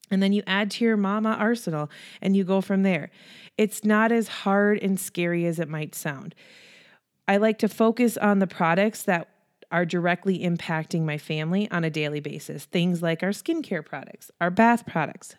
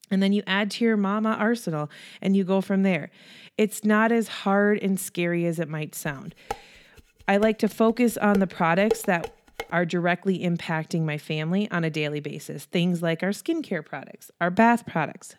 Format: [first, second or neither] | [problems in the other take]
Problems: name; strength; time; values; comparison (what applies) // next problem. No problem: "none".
first | clattering dishes; noticeable; from 6.5 to 9.5 s; peak 6 dB below the speech